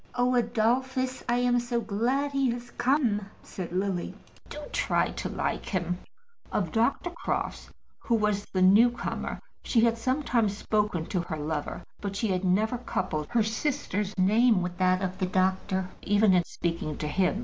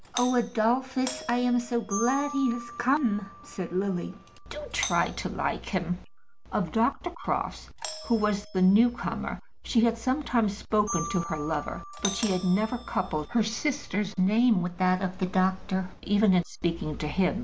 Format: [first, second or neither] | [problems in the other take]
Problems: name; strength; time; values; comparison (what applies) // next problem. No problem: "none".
first | background sound (Doorbell + Marimba, xylophone); 15 dB below the speech